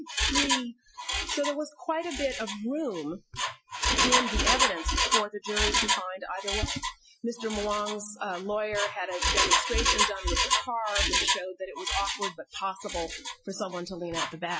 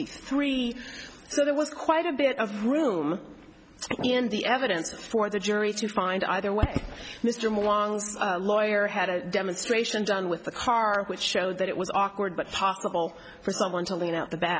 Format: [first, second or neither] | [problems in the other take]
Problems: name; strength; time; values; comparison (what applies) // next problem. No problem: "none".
second | noise reduction (classical method Wiener filter)